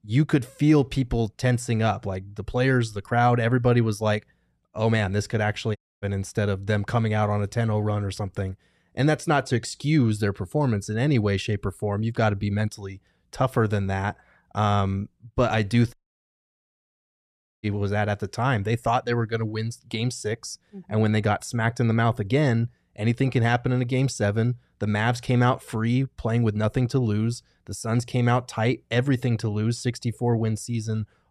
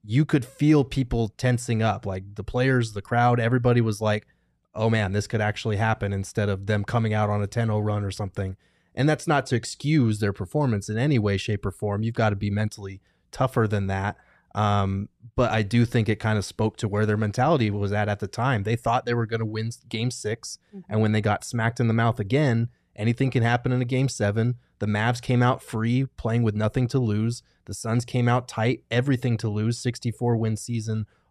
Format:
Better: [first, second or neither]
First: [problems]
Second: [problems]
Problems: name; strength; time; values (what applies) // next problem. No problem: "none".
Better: second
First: audio cutting out; at 6 s and at 16 s for 1.5 s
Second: none